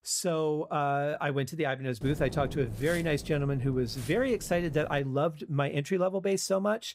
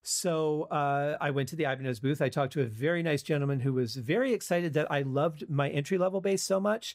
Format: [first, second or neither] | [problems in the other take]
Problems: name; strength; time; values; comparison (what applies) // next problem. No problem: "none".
second | wind noise on the microphone; occasional gusts; from 2 to 5 s; 20 dB below the speech